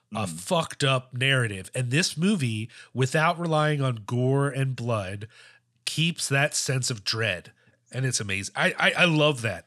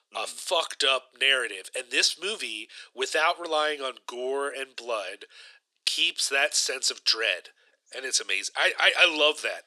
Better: first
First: none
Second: thin; very; fading below 350 Hz

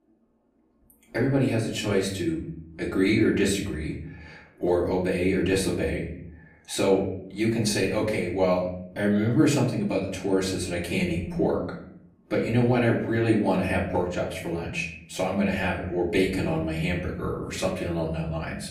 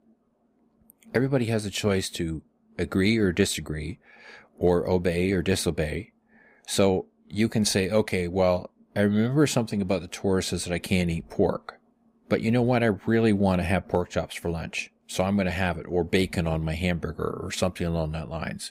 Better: second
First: off-mic speech; far // room echo; slight; dies away in 0.6 s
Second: none

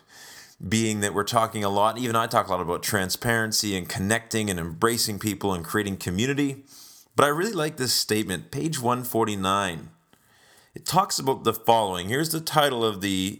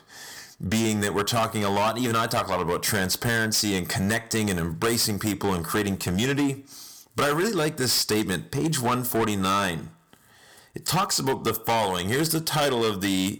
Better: first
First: none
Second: distortion; heavy; 14% of the sound clipped

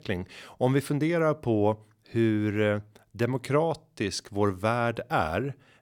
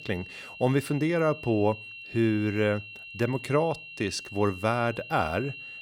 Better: first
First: none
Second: high-pitched whine; noticeable; throughout; 2.5 kHz, 15 dB below the speech

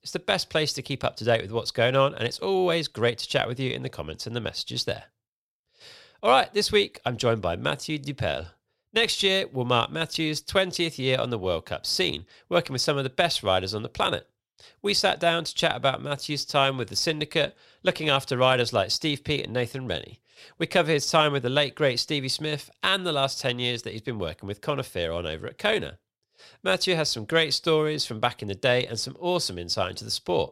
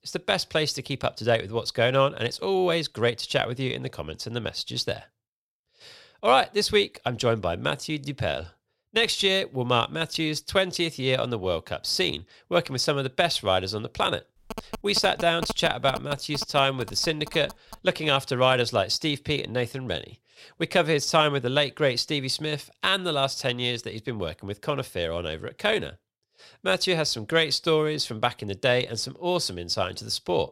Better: first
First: none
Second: phone ringing; noticeable; from 15 to 18 s; peak 9 dB below the speech

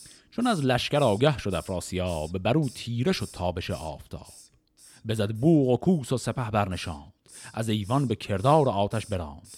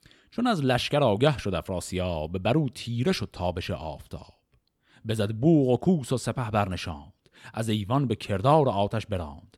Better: second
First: hiss; faint; throughout; 25 dB below the speech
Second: none

